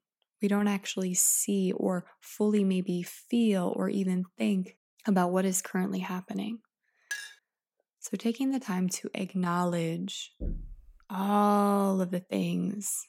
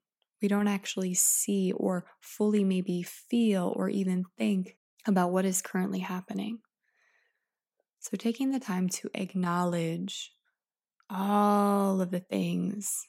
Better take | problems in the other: second | clattering dishes; noticeable; at 7 s; peak 9 dB below the speech // door banging; faint; at 10 s; peak 10 dB below the speech

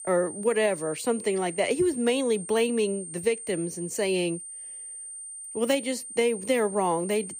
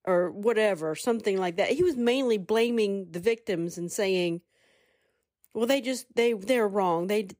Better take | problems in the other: second | high-pitched whine; noticeable; throughout; 9 kHz, 10 dB below the speech

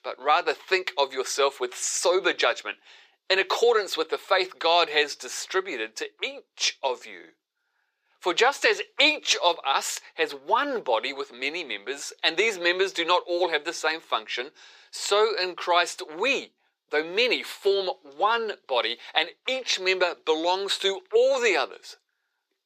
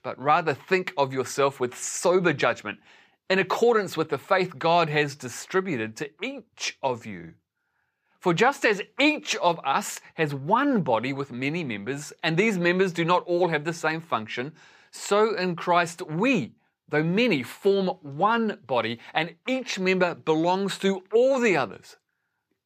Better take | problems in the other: second | thin; very; fading below 400 Hz

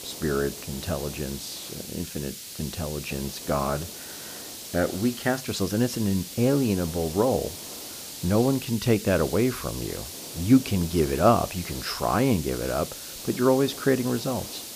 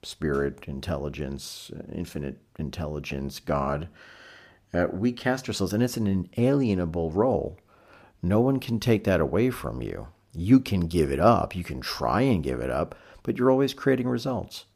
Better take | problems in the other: second | hiss; noticeable; throughout; 10 dB below the speech

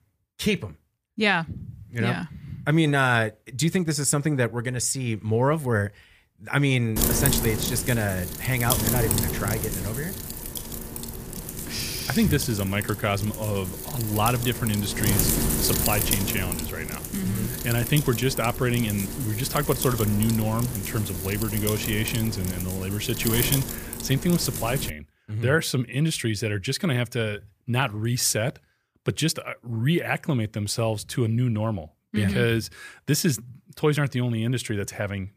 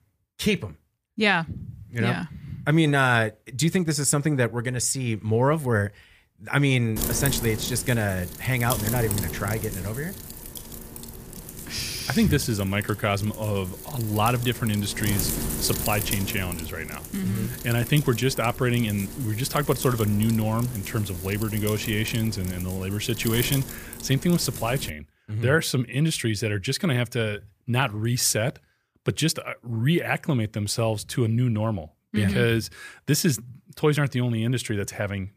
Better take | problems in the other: second | wind noise on the microphone; heavy; from 7 to 25 s; 5 dB below the speech; occasional gusts in the second

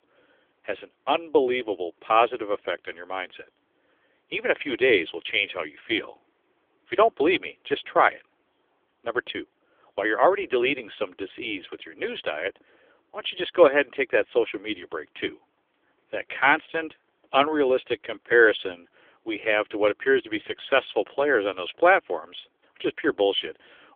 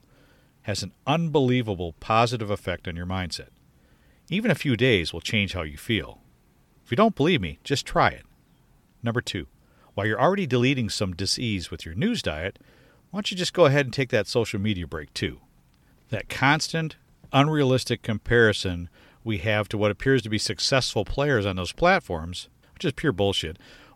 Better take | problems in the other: second | phone-call audio; poor line; nothing above 3.5 kHz

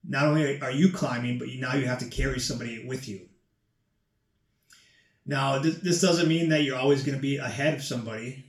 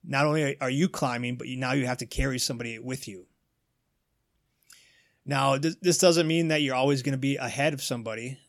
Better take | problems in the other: second | room echo; slight; dies away in 0.4 s // off-mic speech; far

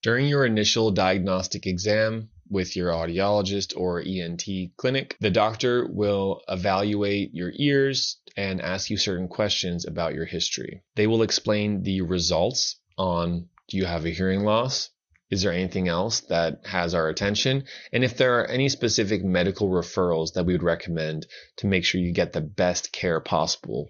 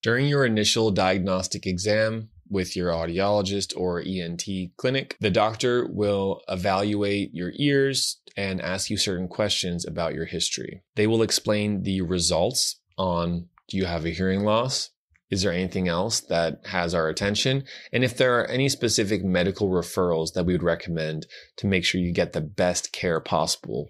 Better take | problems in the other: second | garbled, watery; slightly; nothing above 6.5 kHz

